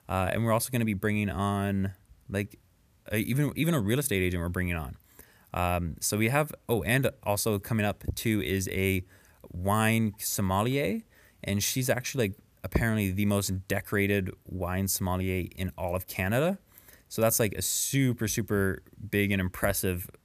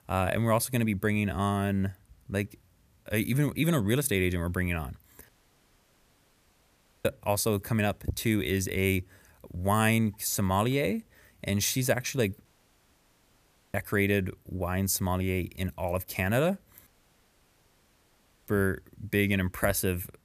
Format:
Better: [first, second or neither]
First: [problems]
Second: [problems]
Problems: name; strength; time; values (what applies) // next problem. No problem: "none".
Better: first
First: none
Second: audio cutting out; at 5.5 s for 2 s, at 12 s for 1.5 s and at 17 s for 1.5 s